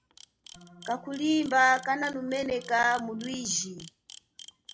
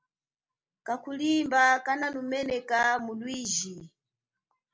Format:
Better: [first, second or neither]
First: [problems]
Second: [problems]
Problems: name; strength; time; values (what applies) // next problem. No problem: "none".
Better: second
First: background sound (Camera + Organ); 20 dB below the speech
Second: none